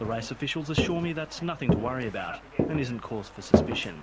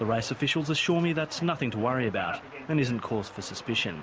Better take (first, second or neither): second